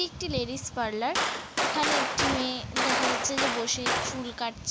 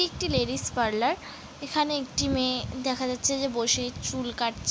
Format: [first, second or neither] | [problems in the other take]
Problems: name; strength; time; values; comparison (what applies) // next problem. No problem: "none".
second | background sound (Gunshot, gunfire); 2 dB above the speech